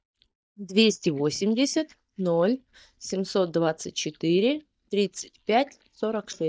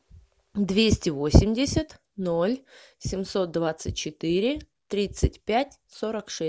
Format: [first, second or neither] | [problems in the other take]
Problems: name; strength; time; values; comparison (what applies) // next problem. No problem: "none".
second | noise reduction (neural mask model DeepFilterNet 3)